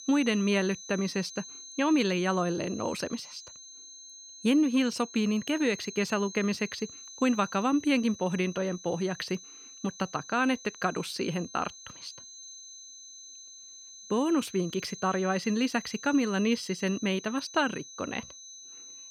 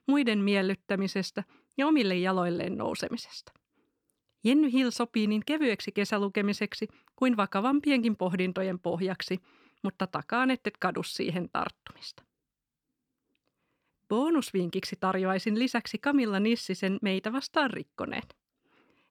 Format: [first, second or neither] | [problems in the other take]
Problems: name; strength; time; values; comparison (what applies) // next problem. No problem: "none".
second | high-pitched whine; noticeable; throughout; 6 kHz, 15 dB below the speech